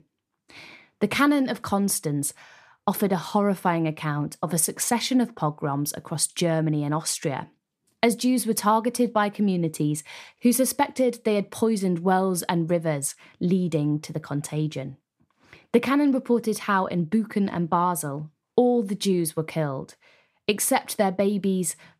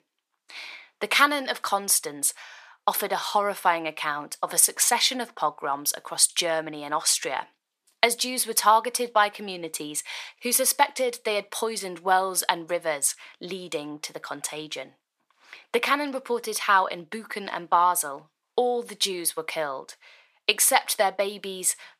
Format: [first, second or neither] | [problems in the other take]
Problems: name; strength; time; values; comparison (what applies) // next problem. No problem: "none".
first | thin; very; fading below 750 Hz